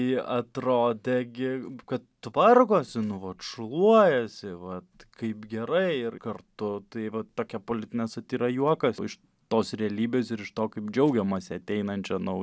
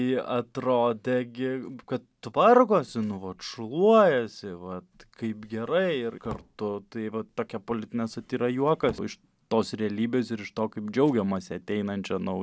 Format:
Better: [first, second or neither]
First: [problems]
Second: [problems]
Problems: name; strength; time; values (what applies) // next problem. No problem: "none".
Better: first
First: none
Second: background sound (Drawer open or close); 20 dB below the speech